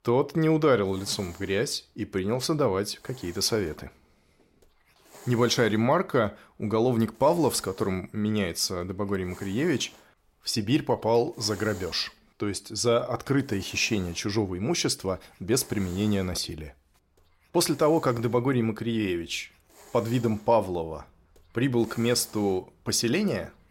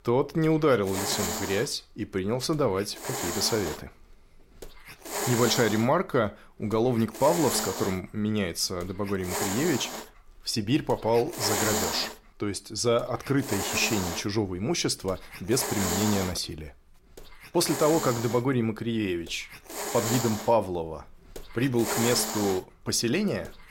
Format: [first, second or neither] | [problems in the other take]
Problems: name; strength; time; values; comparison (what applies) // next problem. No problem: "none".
first | hiss; loud; throughout; 4 dB below the speech; faint in the first